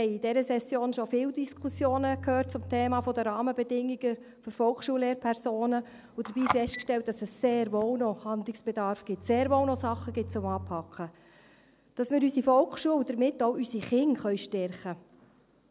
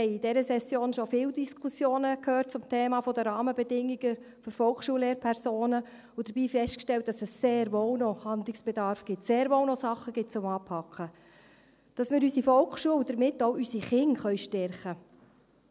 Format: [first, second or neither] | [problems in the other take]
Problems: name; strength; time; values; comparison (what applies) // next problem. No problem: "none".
second | background sound (Bowed string instrument + Telephone); 11 dB below the speech